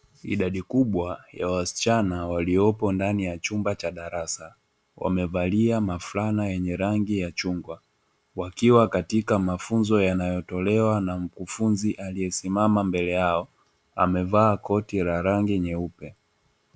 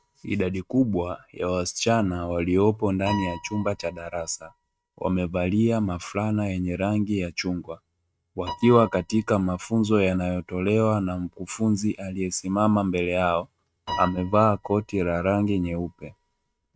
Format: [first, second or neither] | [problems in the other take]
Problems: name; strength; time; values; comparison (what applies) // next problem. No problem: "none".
first | noise reduction (neural mask model RNNoise)